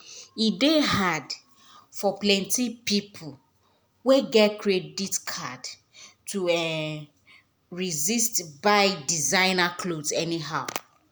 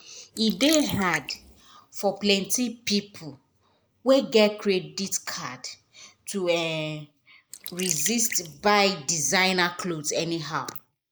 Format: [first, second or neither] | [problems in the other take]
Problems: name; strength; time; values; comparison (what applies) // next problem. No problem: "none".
first | noise reduction (neural mask model Resemble Enhance denoiser)